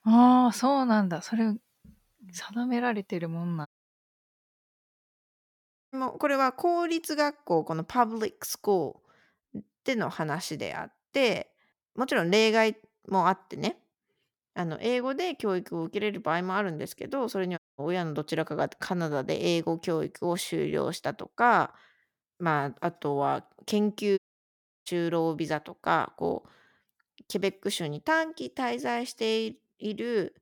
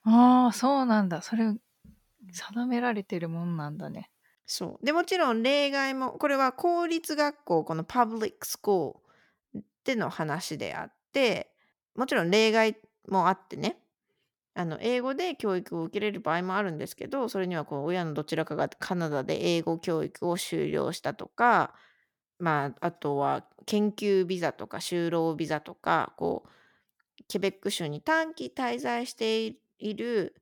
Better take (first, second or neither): second